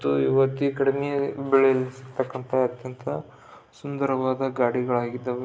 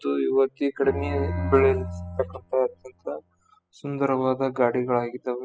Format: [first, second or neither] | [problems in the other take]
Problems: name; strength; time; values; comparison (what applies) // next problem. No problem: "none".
first | noise reduction (classical method spectral subtraction)